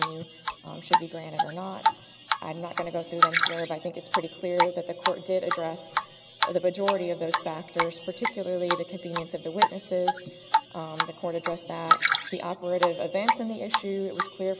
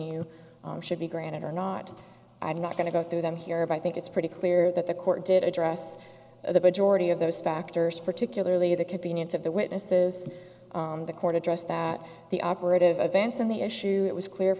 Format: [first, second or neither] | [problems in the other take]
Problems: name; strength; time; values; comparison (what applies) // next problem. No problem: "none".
second | background sound (Drip); 2 dB above the speech